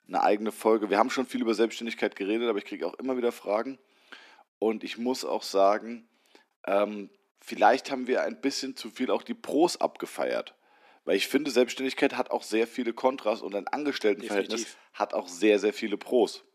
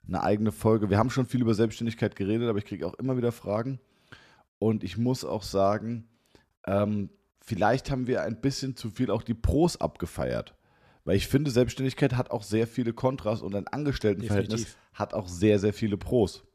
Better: second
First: thin; somewhat; fading below 250 Hz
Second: none

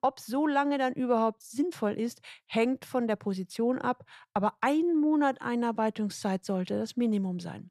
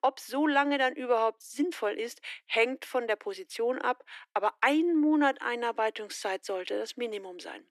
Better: first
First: none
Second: thin; very slightly; fading below 300 Hz

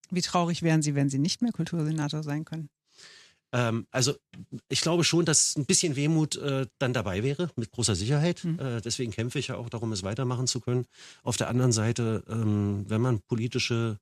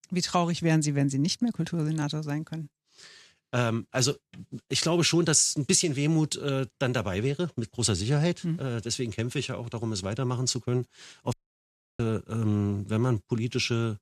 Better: first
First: none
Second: audio cutting out; at 11 s for 0.5 s

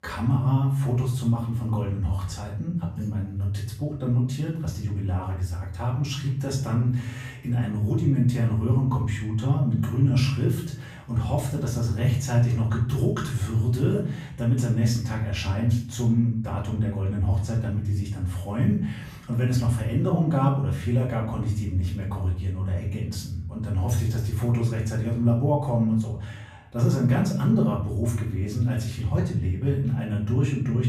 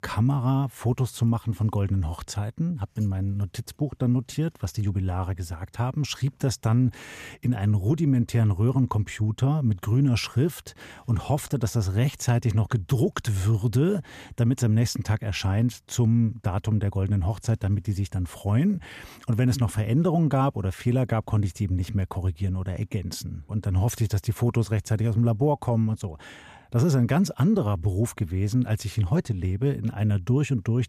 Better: second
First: off-mic speech; far // room echo; slight; dies away in 0.5 s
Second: none

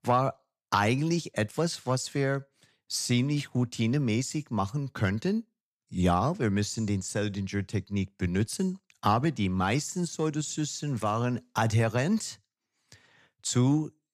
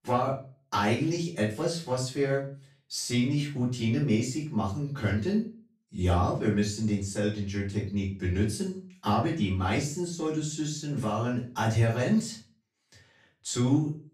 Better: first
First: none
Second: off-mic speech; far // room echo; slight; dies away in 0.3 s

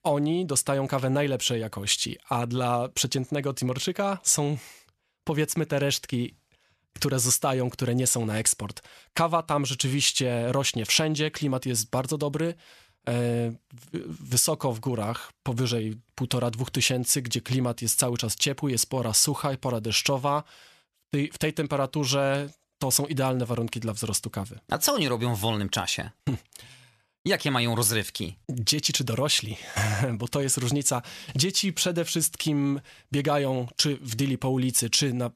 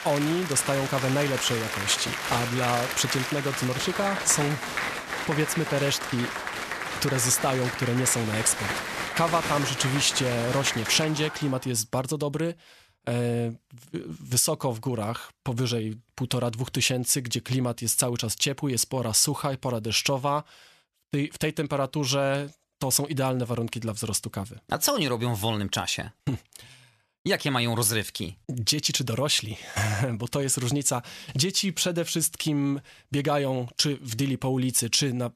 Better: first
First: none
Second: crowd noise; loud; until 11 s; 5 dB below the speech

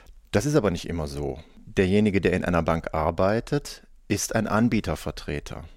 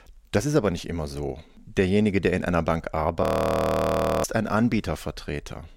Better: first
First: none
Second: audio freezing; at 3 s for 1 s

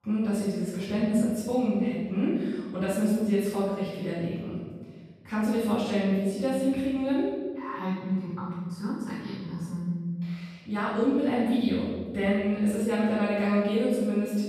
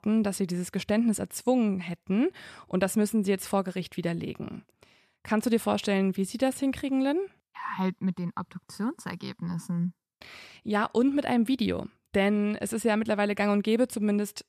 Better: second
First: room echo; strong; dies away in 1.6 s // off-mic speech; far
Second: none

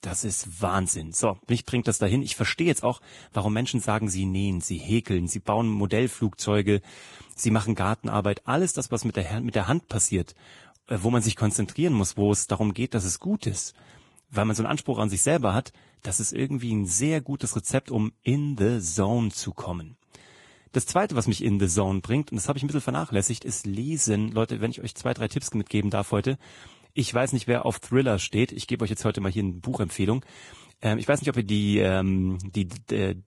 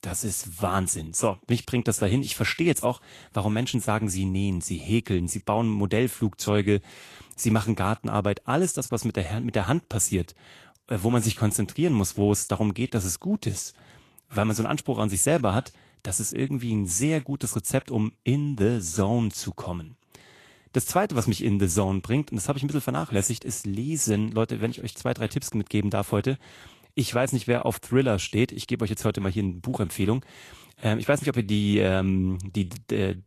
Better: second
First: garbled, watery; badly; nothing above 10.5 kHz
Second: garbled, watery; slightly; nothing above 12.5 kHz

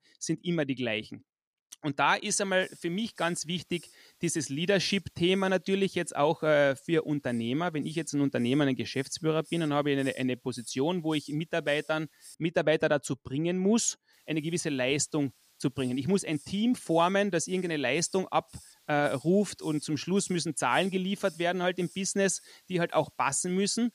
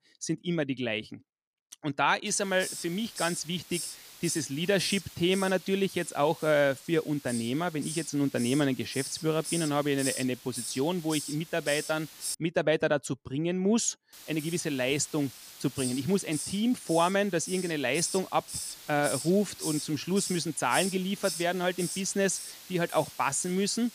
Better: first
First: hiss; faint; from 2.5 to 12 s and from 14 s on; 25 dB below the speech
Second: hiss; loud; from 2.5 to 12 s and from 14 s on; 9 dB below the speech

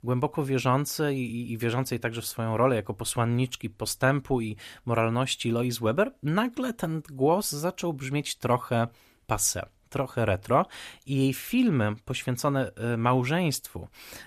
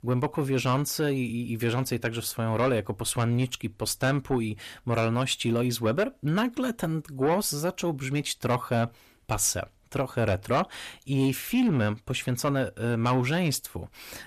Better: first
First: none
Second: distortion; slight; 10 dB below the speech

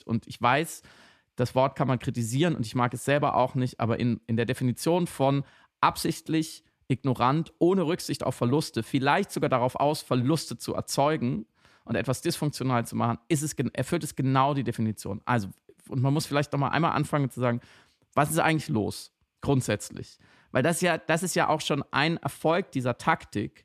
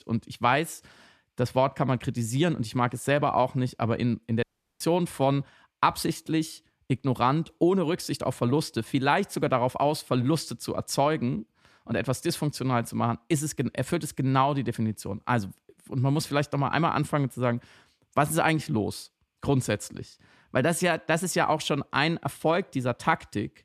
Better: first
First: none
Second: audio cutting out; at 4.5 s

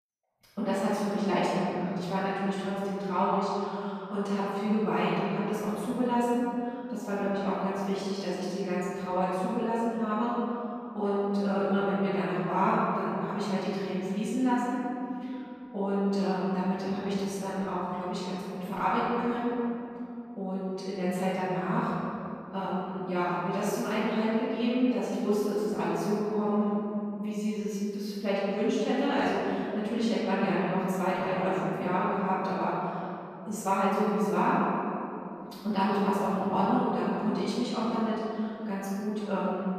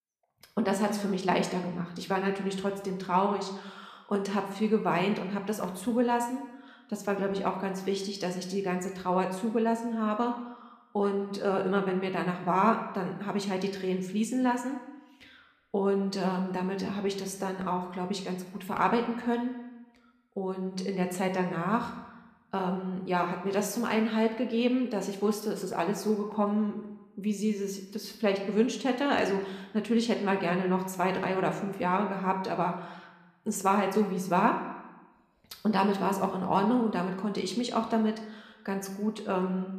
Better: second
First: room echo; strong; dies away in 2.7 s // off-mic speech; far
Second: room echo; slight; dies away in 0.8 s

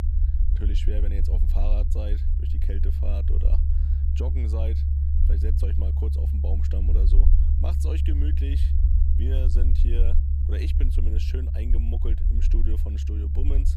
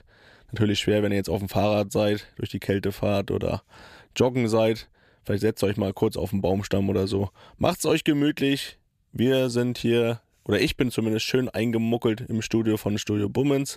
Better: second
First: low rumble; loud; throughout; 1 dB below the speech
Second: none

